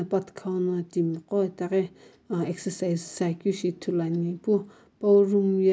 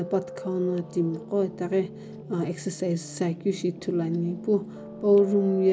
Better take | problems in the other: first | background sound (Piano); 14 dB below the speech

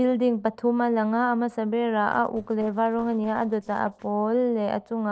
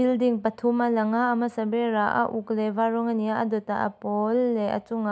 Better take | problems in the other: second | noise reduction (neural separator model SepFormer DNS4)

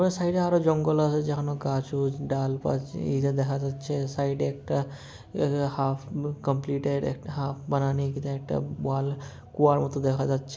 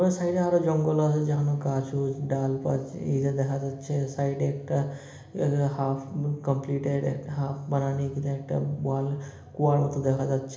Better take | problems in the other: first | room echo; dies away in 1 s

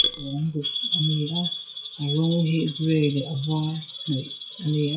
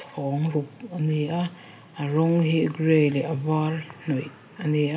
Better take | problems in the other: second | noise reduction (classical method WPE with log-MMSE)

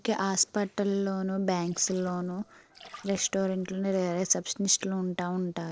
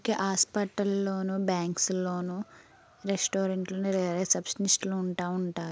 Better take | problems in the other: second | noise reduction (neural separator model SepFormer DNS4)

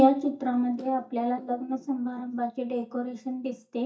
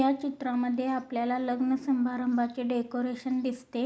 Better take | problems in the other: second | noise reduction (neural mask model DeepFilterNet 3)

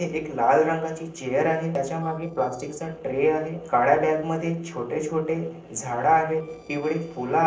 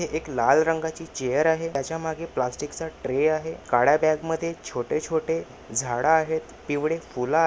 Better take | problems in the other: second | noise reduction (neural separator model SepFormer DNS4)

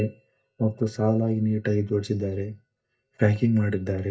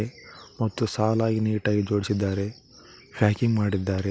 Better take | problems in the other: second | noise reduction (neural mask model DeepFilterNet 3)

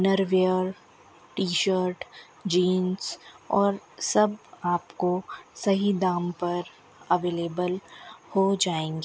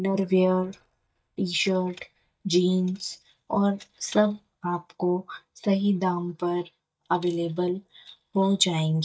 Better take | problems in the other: first | noise reduction (neural mask model DeepFilterNet 3)

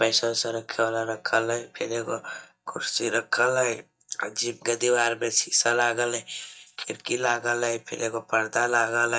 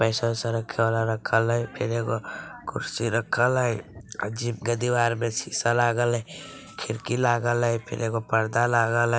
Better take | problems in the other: second | noise reduction (neural mask model DeepFilterNet 3)

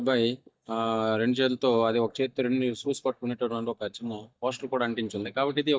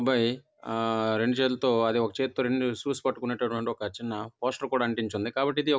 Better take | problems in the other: second | noise reduction (neural mask model DeepFilterNet 3)

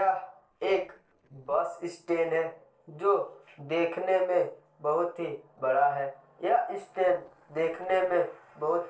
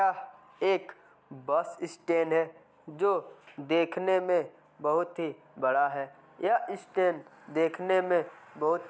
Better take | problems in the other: second | noise reduction (neural separator model SepFormer DNS4)

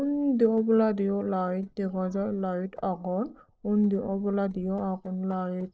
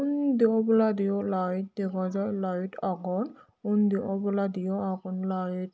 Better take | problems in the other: second | noise reduction (neural separator model SepFormer DNS4)

